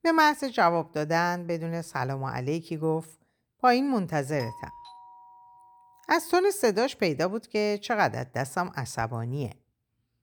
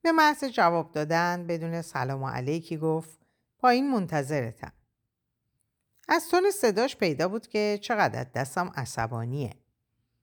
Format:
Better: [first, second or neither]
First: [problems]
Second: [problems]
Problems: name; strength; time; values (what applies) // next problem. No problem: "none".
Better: second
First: doorbell; faint; from 4.5 to 6 s; peak 15 dB below the speech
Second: none